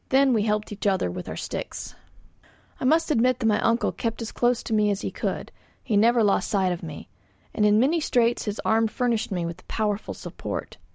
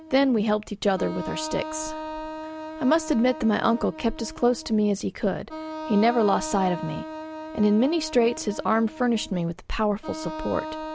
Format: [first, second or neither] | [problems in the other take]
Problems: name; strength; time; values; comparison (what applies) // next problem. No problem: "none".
first | background sound (Wind instrument, woodwind instrument); 11 dB below the speech